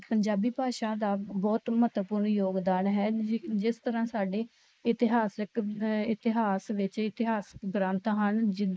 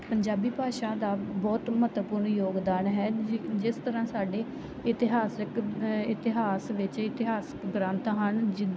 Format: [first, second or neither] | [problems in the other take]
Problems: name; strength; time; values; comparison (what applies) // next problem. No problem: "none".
second | noise reduction (neural mask model Resemble Enhance denoiser)